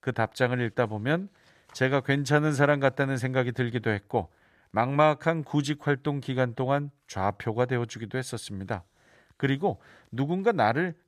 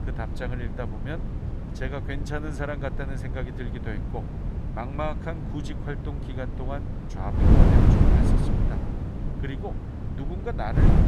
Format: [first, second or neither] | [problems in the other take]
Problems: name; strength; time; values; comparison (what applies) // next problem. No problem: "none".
first | wind noise on the microphone; heavy; as loud as the speech